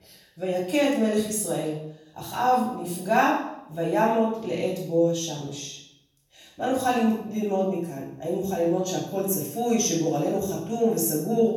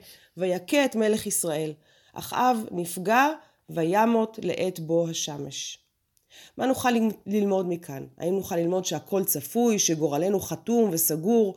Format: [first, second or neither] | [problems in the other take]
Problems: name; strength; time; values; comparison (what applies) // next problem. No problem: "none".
second | off-mic speech; far // room echo; noticeable; dies away in 0.6 s